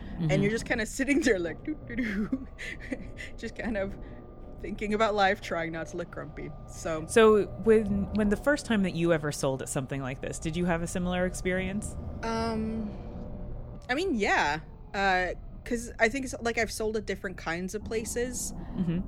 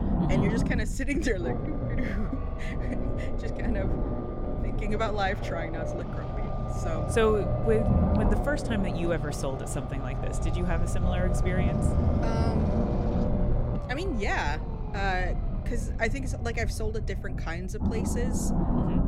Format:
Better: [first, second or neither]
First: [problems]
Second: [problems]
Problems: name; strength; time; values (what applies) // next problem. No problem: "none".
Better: first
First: low rumble; faint; throughout; 20 dB below the speech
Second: low rumble; loud; throughout; 3 dB below the speech